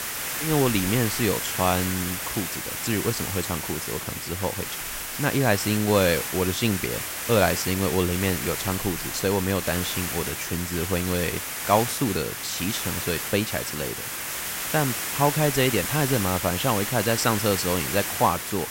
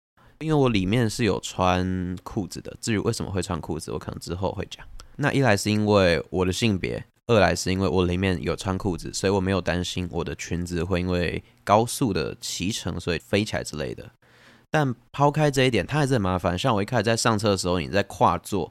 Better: second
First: hiss; loud; throughout; 3 dB below the speech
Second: none

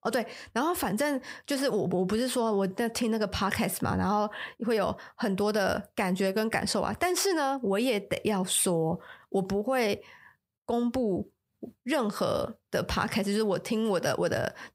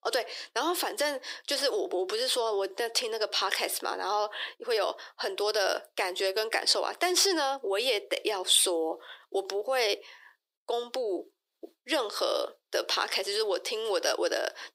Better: first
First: none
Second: thin; very; fading below 350 Hz

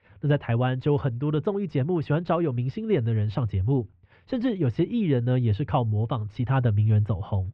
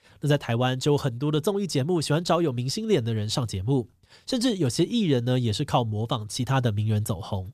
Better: second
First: muffled; very; fading above 2.5 kHz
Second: none

